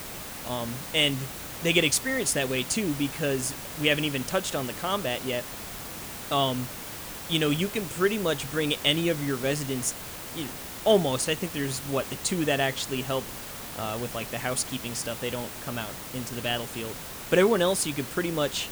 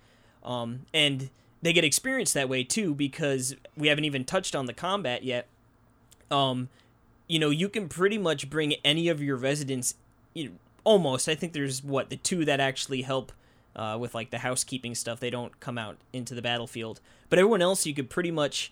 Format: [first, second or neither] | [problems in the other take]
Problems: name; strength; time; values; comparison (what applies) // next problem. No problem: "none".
second | hiss; loud; throughout; 9 dB below the speech